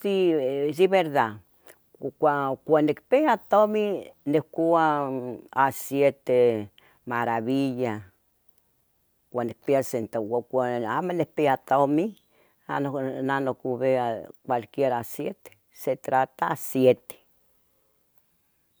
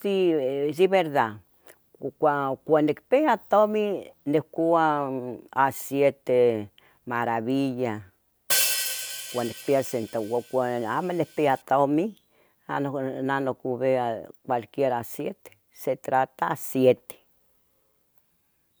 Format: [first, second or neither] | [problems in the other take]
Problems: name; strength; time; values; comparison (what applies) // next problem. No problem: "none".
first | background sound (Hi-hat); 5 dB below the speech